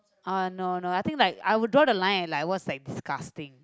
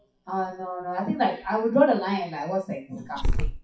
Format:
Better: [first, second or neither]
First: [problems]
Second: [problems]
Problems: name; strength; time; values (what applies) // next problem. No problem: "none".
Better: first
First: none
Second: noise reduction (classical method WPE with log-MMSE)